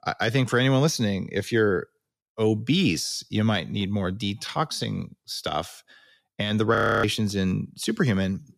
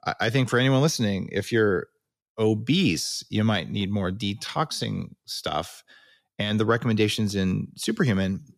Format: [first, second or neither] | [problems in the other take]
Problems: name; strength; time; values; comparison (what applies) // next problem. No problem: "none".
second | audio freezing; at 7 s